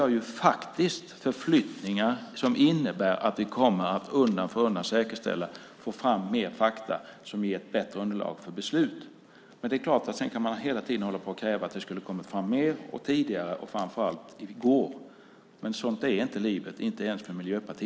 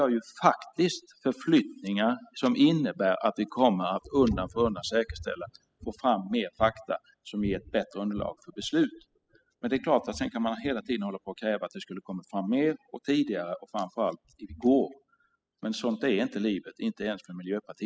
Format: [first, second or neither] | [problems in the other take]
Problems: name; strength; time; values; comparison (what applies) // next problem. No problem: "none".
first | noise reduction (classical method spectral subtraction)